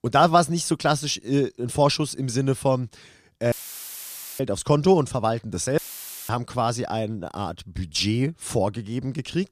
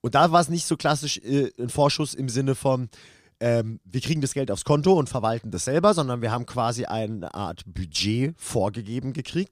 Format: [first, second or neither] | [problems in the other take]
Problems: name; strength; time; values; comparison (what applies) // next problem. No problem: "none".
second | audio cutting out; filled with static; at 3.5 s for 1 s and at 6 s for 0.5 s